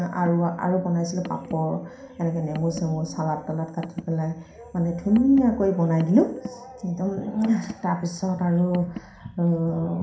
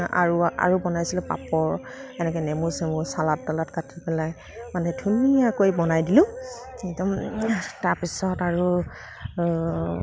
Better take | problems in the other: second | background sound (Car); 19 dB below the speech // room echo; dies away in 0.5 s

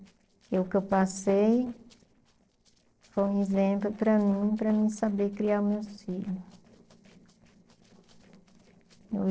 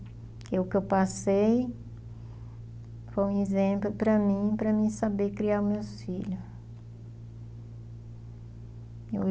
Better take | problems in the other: second | noise reduction (neural separator model SepFormer DNS4)

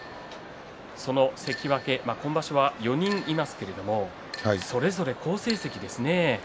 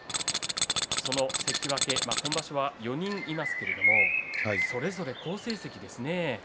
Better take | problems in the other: first | background sound (Bird + Tools); 4 dB above the speech

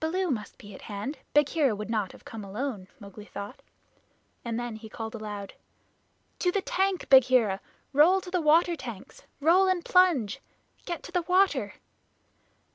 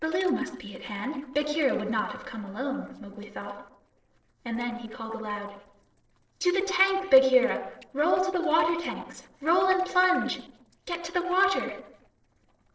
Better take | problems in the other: first | noise reduction (neural separator model SepFormer DNS4)

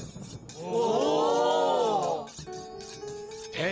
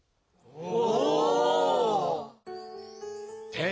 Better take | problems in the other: second | background sound (Thunder + Cutlery, silverware); 18 dB below the speech

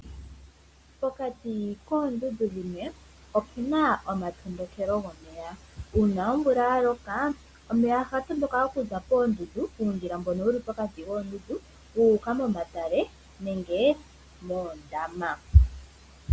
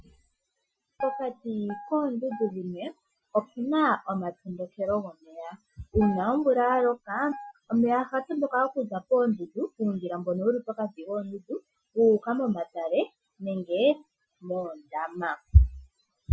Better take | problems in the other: first | noise reduction (classical method Wiener filter)

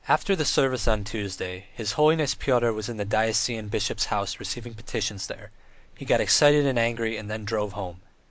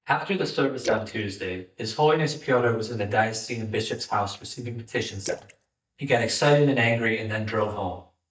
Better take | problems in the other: first | noise reduction (neural mask model DeepFilterNet 3)

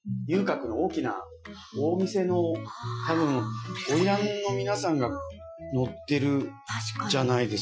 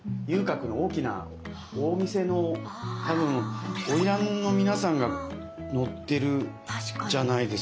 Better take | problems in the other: second | noise reduction (classical method Wiener filter)

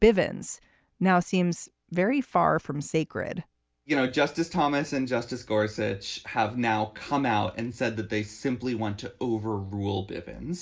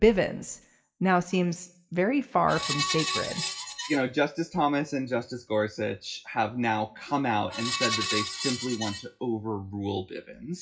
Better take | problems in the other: first | noise reduction (classical method WPE with log-MMSE)

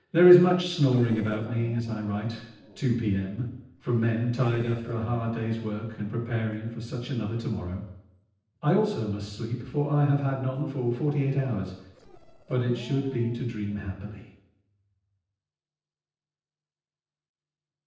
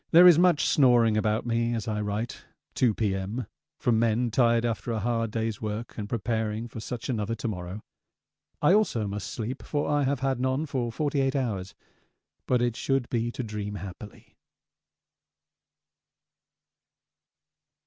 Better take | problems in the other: second | noise reduction (neural separator model SepFormer DNS4)

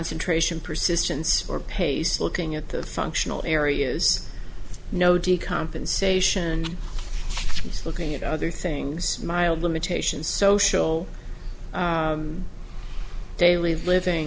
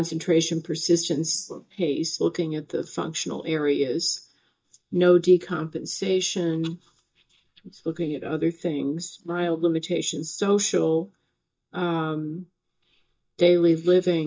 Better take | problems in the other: first | noise reduction (neural mask model DeepFilterNet 3)

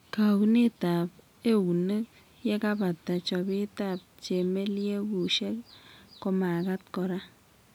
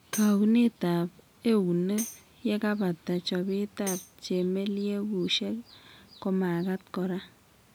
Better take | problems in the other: first | background sound (Tambourine); 16 dB below the speech

